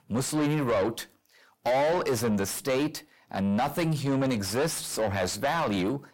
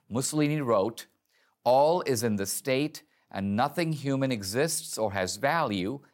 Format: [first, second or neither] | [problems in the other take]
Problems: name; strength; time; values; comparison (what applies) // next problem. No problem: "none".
second | distortion; heavy; 6 dB below the speech